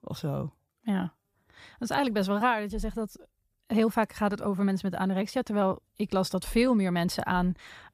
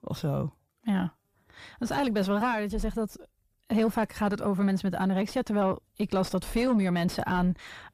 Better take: first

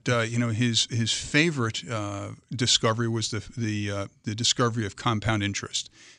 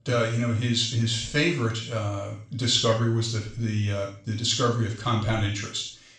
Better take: first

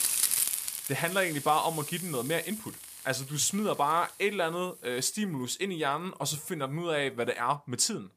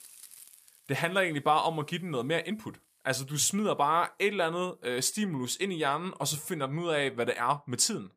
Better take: second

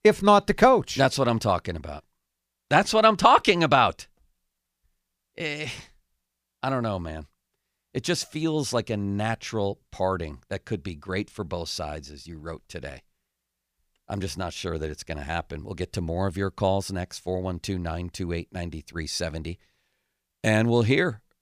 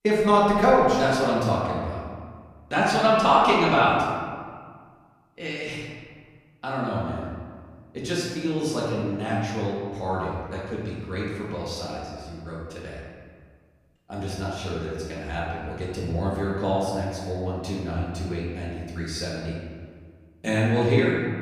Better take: first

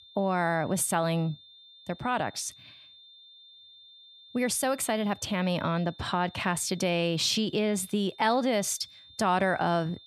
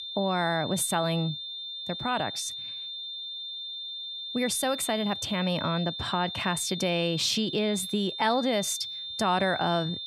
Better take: first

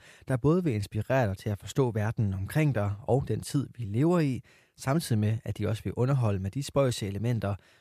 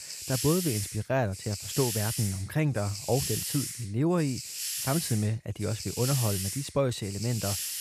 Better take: first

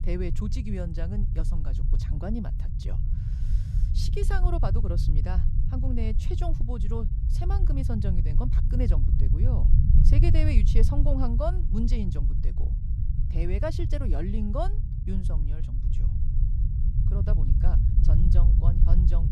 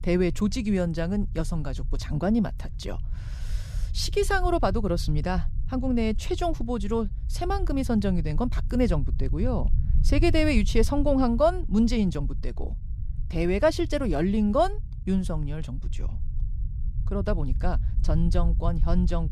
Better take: second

